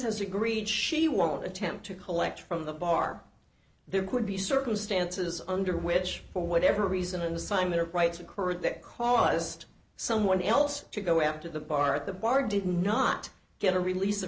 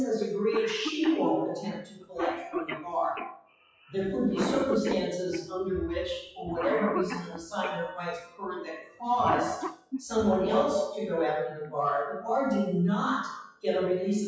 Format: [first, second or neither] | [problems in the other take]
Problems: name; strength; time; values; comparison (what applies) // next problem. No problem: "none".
first | noise reduction (classical method WPE with log-MMSE)